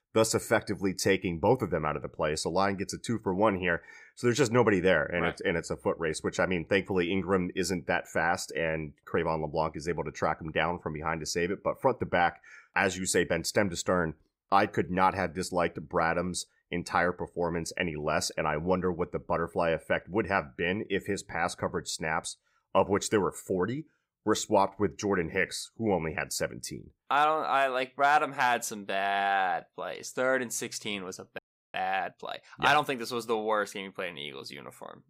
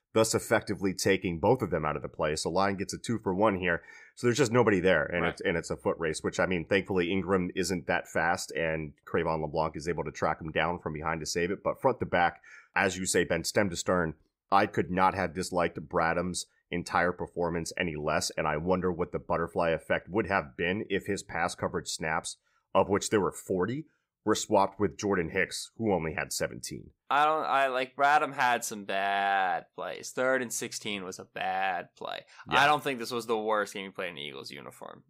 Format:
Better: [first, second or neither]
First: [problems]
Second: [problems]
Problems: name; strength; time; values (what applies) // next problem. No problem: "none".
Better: second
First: audio freezing; at 31 s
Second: none